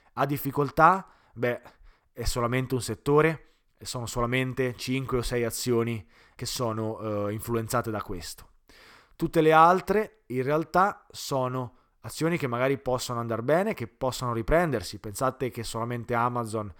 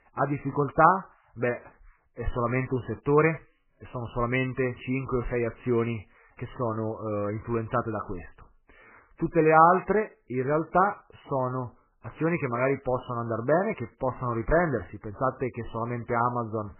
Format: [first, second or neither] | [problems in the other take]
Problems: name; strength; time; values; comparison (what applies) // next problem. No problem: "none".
first | garbled, watery; badly; nothing above 2.5 kHz